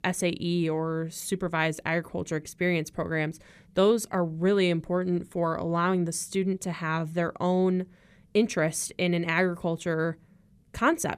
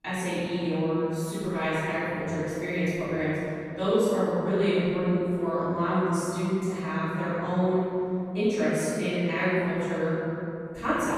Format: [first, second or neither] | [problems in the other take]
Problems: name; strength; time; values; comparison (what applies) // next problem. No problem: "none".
first | off-mic speech; far // room echo; strong; dies away in 2.6 s